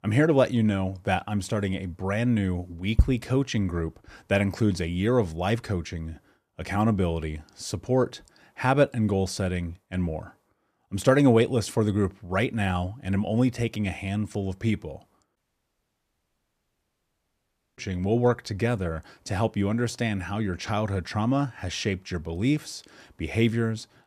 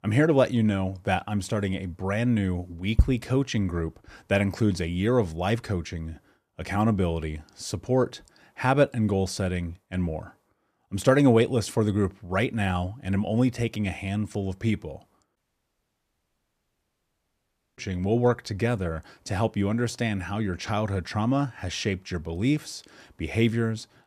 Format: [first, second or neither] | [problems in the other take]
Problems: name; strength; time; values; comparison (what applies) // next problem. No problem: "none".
neither | audio cutting out; at 15 s for 2.5 s; the same in both